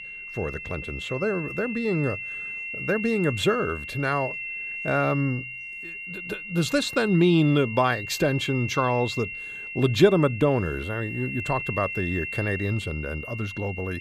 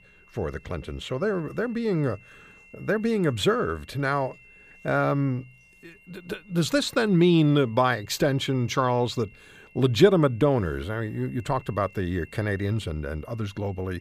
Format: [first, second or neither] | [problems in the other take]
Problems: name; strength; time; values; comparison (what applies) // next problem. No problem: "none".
second | high-pitched whine; loud; throughout; 2.5 kHz, 7 dB below the speech; faint in the second